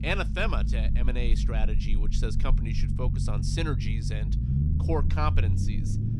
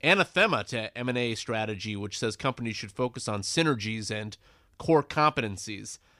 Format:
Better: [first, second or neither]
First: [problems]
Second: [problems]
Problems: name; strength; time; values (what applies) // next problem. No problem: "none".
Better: second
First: low rumble; loud; throughout; 7 dB below the speech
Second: none